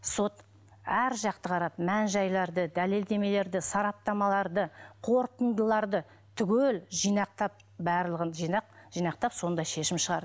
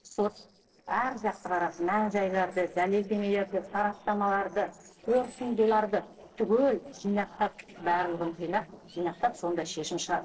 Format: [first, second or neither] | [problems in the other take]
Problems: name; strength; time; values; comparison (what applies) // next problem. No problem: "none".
first | noise reduction (neural separator model SepFormer DNS4)